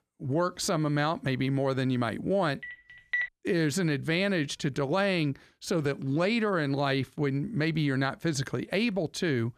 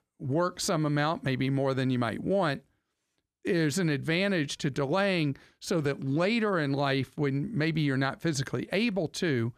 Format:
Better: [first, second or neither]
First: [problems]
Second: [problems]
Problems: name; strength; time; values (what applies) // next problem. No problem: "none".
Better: second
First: phone ringing; noticeable; at 2.5 s; peak 2 dB below the speech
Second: none